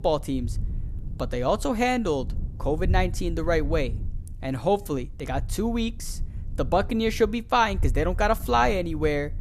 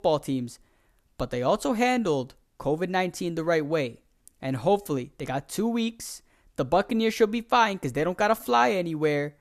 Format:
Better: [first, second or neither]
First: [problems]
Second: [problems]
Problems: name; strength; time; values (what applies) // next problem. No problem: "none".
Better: second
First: low rumble; faint; throughout; 25 dB below the speech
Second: none